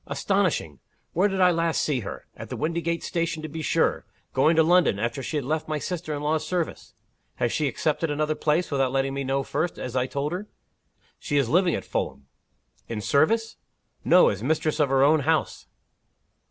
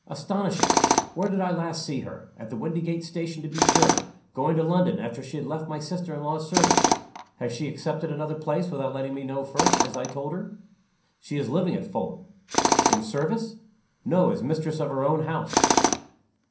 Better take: first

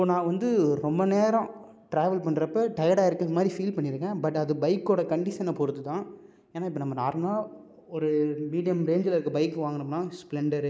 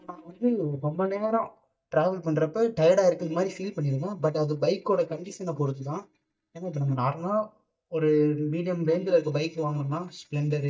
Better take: first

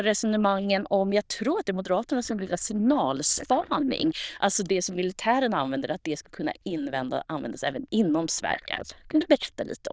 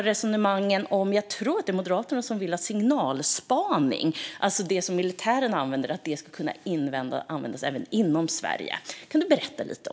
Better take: second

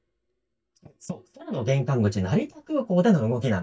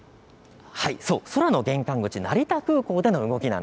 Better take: second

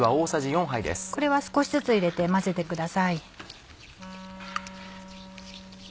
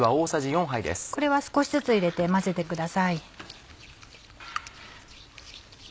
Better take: second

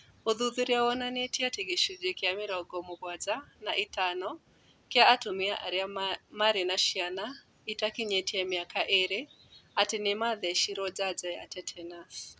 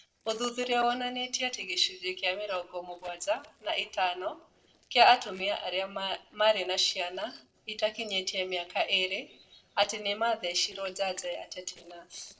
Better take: first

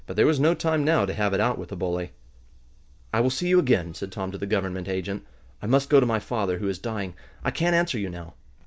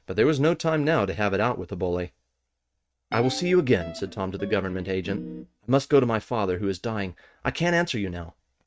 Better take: first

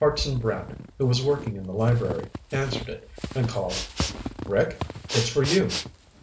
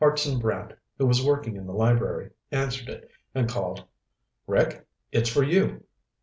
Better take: second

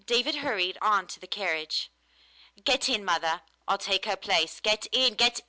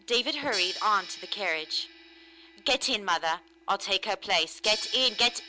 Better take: first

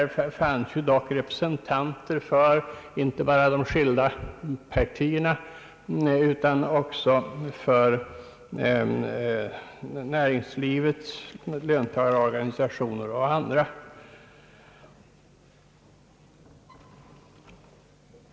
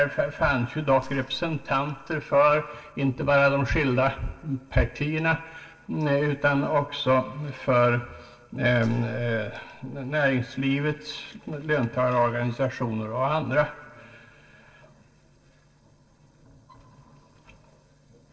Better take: first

